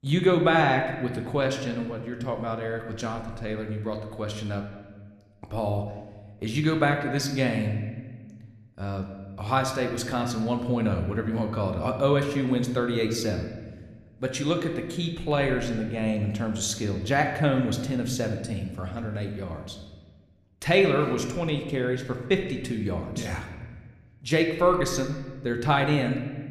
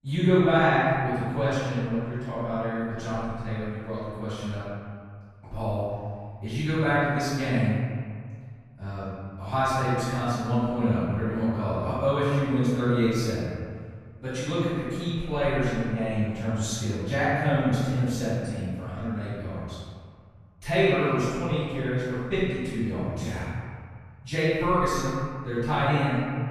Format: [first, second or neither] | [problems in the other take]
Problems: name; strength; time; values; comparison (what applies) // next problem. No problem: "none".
first | room echo; strong; dies away in 1.9 s; slight in the first // off-mic speech; far